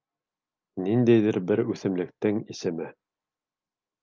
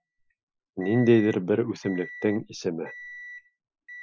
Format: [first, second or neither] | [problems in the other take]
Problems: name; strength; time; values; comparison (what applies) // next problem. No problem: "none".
first | noise reduction (classical method Wiener filter)